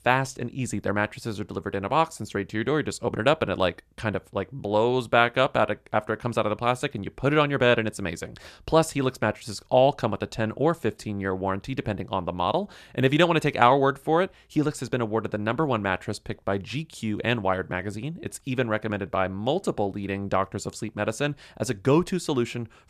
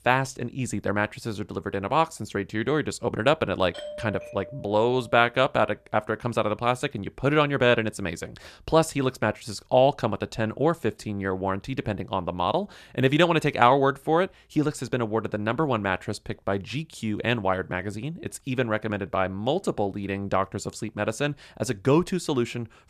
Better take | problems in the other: first | doorbell; faint; from 3.5 to 5.5 s; peak 10 dB below the speech

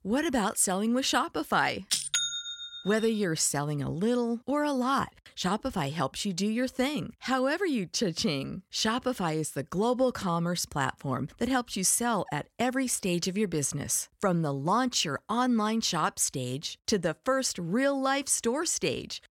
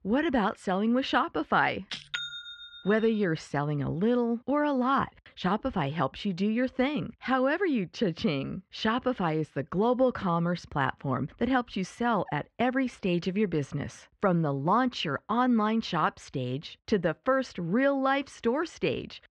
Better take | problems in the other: first | muffled; very; fading above 3 kHz

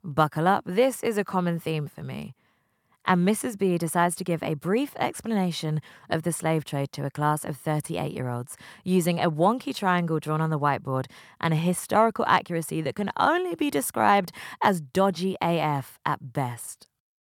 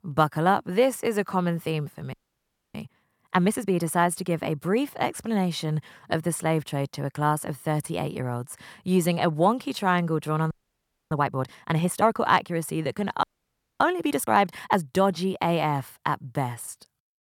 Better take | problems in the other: first | audio freezing; at 2 s for 0.5 s, at 11 s for 0.5 s and at 13 s for 0.5 s

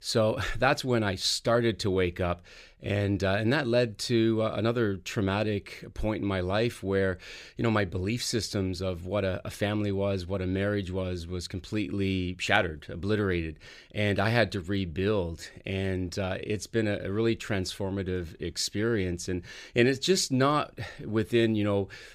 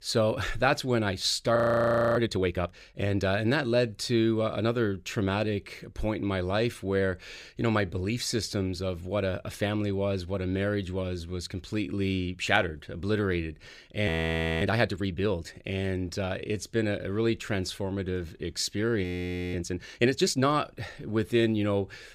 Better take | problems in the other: first | audio freezing; at 1.5 s for 0.5 s, at 14 s for 0.5 s and at 19 s for 0.5 s

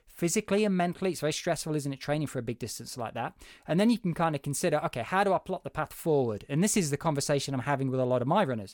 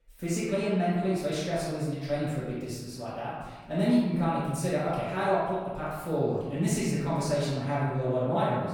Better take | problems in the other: first | room echo; strong; dies away in 1.3 s // off-mic speech; far

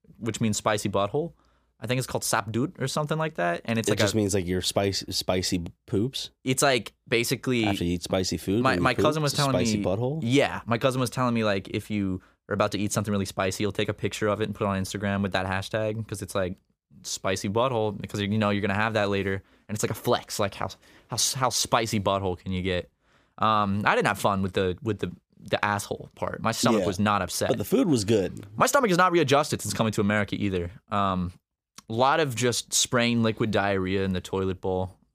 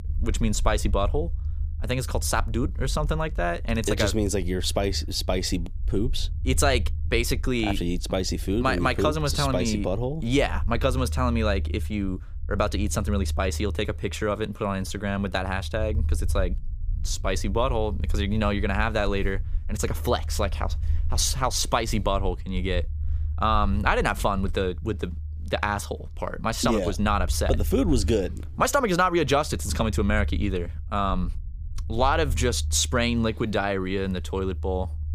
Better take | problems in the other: first | low rumble; faint; throughout; 25 dB below the speech

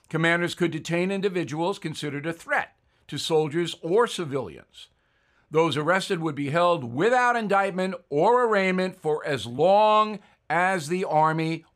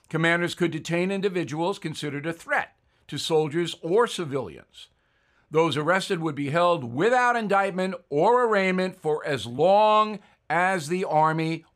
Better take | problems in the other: neither | none

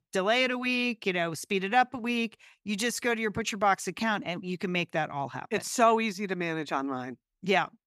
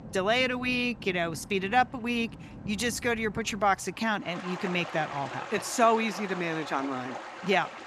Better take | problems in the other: first | rain or running water; noticeable; throughout; 15 dB below the speech

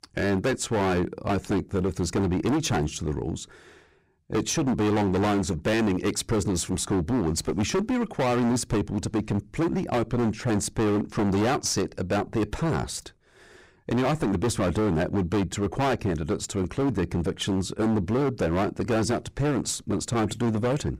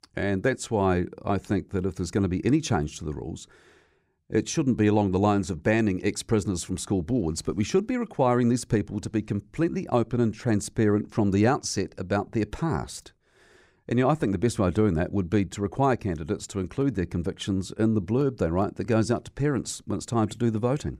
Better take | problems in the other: second | distortion; heavy; 21% of the sound clipped

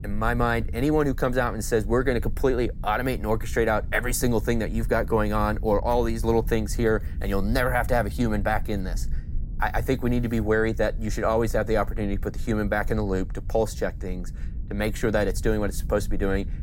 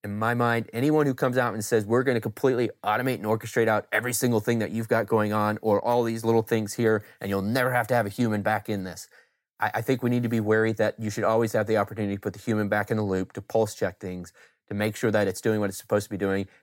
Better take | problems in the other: second | low rumble; faint; throughout; 25 dB below the speech

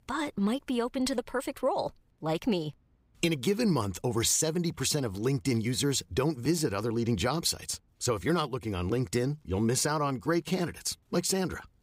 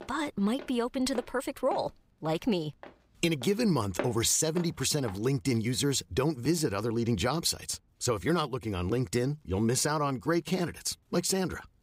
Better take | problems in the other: first | footsteps; noticeable; until 5 s; peak 8 dB below the speech

